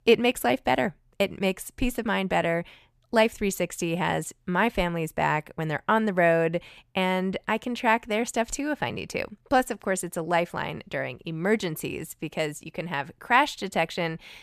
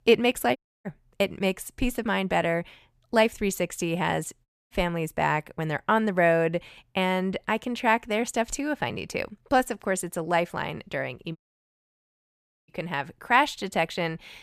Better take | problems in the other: first | audio cutting out; at 0.5 s, at 4.5 s and at 11 s for 1.5 s

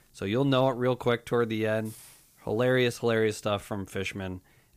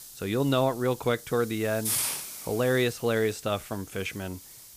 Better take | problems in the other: first | hiss; loud; throughout; 6 dB below the speech; faint in the first

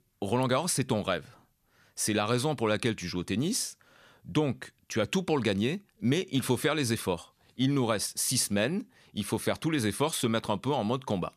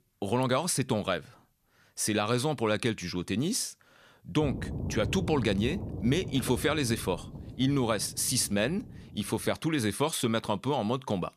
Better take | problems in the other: first | low rumble; noticeable; from 4.5 to 9.5 s; 15 dB below the speech

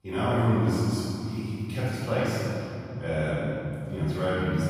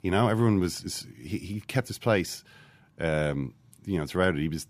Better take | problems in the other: second | room echo; strong; dies away in 3 s // off-mic speech; far

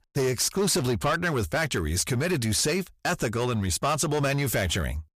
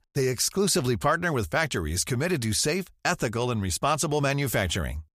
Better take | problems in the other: second | distortion; slight; 12% of the sound clipped

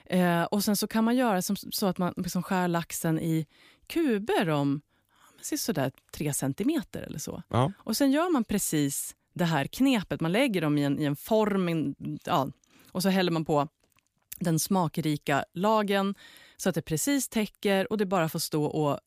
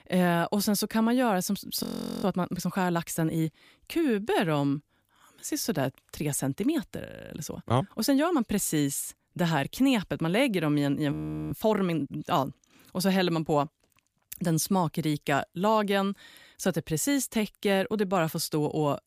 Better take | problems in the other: first | audio freezing; at 2 s, at 7 s and at 11 s

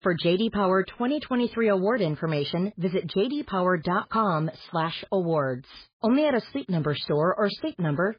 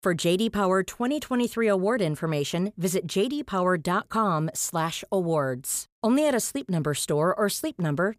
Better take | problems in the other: second | garbled, watery; badly; nothing above 4.5 kHz

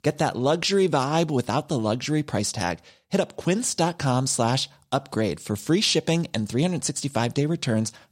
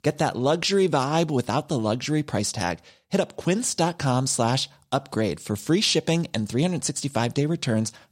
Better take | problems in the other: neither | none

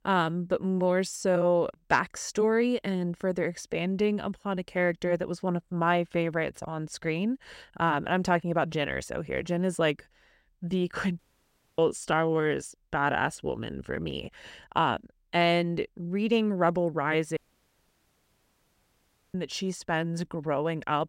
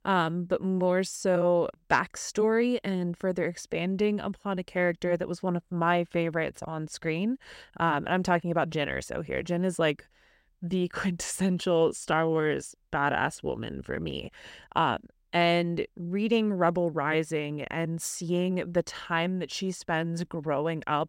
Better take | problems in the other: second | audio cutting out; at 11 s for 0.5 s and at 17 s for 2 s

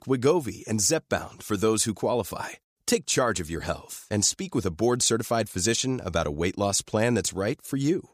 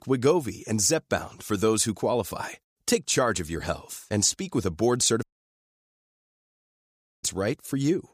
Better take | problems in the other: first | audio cutting out; at 5 s for 2 s

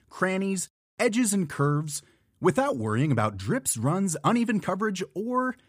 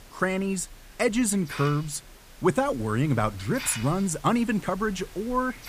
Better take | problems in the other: first | hiss; noticeable; throughout; 15 dB below the speech

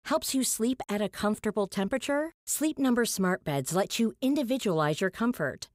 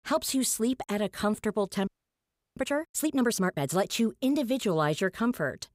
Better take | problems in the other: first | audio freezing; at 2 s for 0.5 s

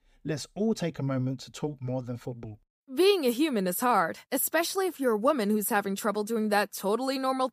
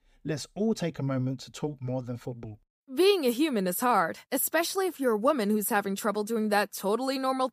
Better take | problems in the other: neither | none

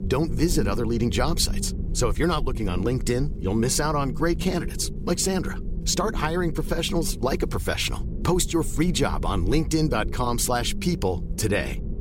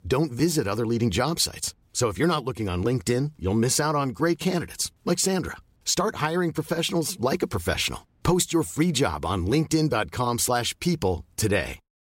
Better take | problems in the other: second | low rumble; noticeable; throughout; 15 dB below the speech

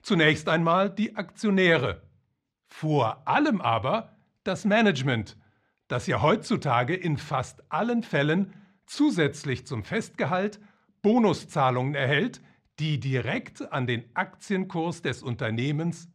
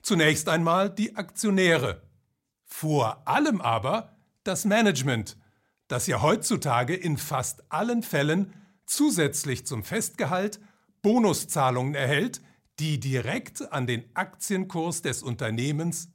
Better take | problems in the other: second | muffled; slightly; fading above 3 kHz

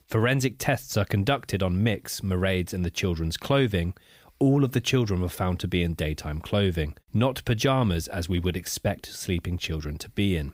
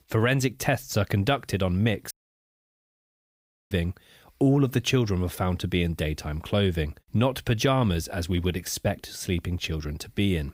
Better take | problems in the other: first | audio cutting out; at 2 s for 1.5 s

